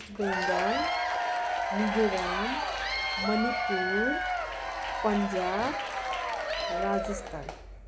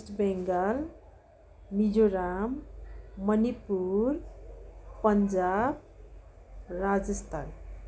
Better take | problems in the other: second | background sound (Applause / Crowd / Cheering); 2 dB above the speech

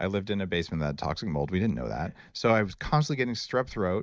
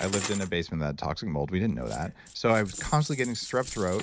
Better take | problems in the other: first | background sound (Coin (dropping)); 12 dB below the speech

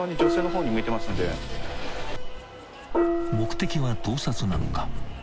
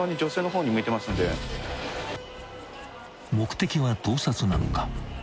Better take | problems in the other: second | background sound (Gong); 3 dB above the speech

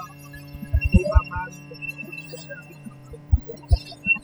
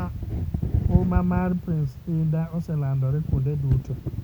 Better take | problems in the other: second | noise reduction (classical method spectral subtraction)

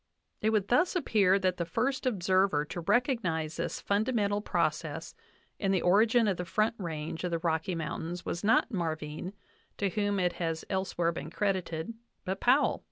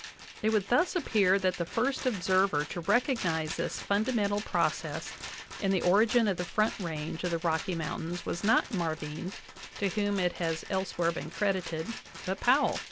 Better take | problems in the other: first | background sound (Rattle); 13 dB below the speech

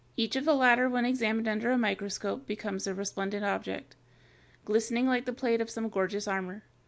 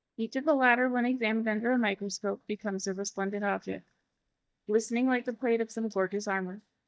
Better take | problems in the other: first | noise reduction (neural mask model DeepFilterNet 3)

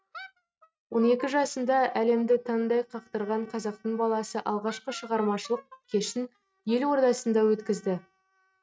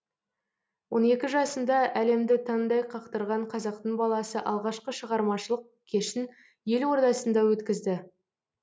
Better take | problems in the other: second | noise reduction (neural mask model RNNoise)

